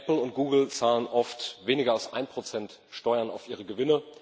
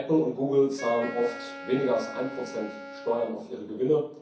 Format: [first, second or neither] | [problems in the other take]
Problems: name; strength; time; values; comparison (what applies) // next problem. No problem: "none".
first | background sound (Wind instrument, woodwind instrument); 13 dB below the speech // room echo; dies away in 0.6 s